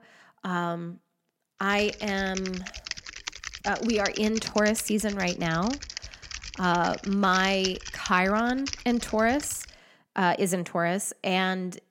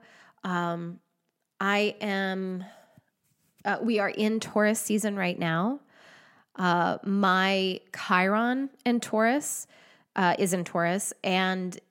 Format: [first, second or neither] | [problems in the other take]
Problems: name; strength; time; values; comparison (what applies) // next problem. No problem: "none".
second | keyboard typing; noticeable; from 1.5 to 9.5 s; peak 5 dB below the speech